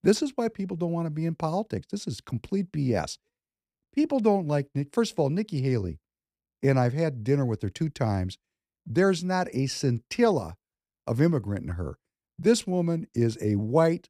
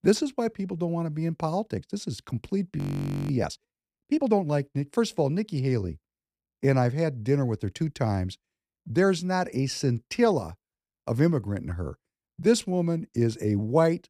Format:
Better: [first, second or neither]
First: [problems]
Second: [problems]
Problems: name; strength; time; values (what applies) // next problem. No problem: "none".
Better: first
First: none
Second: audio freezing; at 3 s for 0.5 s